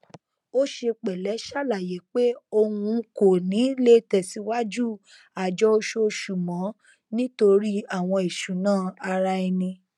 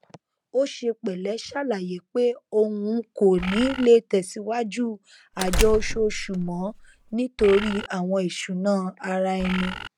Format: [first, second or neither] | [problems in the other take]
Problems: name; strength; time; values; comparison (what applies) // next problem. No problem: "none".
first | background sound (Door + Bird); 5 dB below the speech